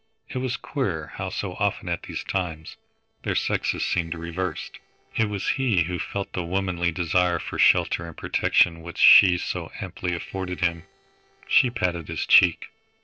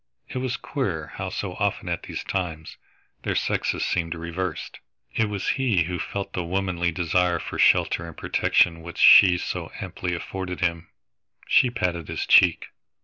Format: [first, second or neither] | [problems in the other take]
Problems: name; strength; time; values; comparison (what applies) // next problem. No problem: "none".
second | noise reduction (neural separator model SepFormer DNS4)